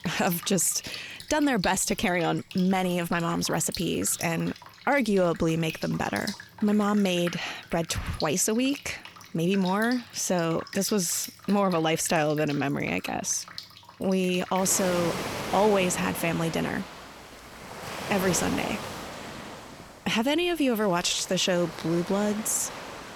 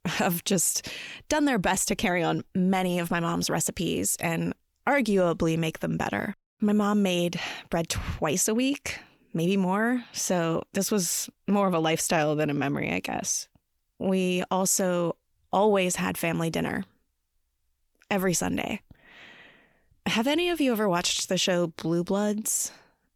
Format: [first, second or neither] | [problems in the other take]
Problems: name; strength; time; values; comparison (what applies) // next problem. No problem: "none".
second | rain or running water; noticeable; throughout; 10 dB below the speech